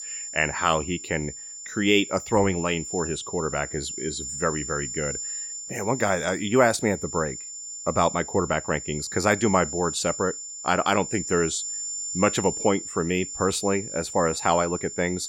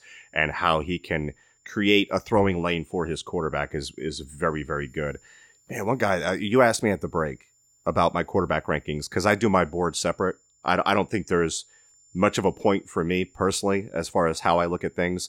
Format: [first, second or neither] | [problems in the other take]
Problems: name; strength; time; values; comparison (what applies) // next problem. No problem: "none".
second | high-pitched whine; loud; throughout; 7 kHz, 7 dB below the speech; faint in the second